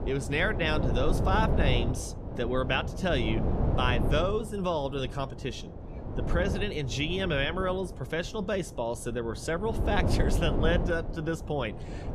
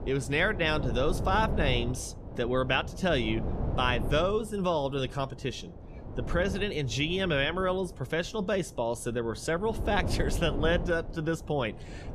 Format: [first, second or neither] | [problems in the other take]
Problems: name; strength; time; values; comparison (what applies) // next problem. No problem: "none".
second | wind noise on the microphone; heavy; 8 dB below the speech; occasional gusts in the second